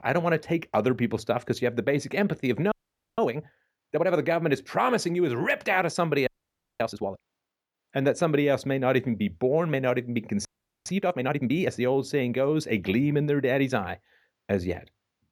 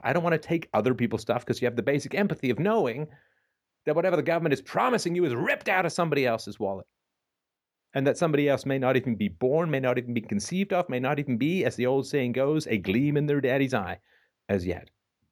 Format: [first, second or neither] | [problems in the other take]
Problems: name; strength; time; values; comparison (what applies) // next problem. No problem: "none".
second | audio freezing; at 2.5 s, at 6.5 s for 0.5 s and at 10 s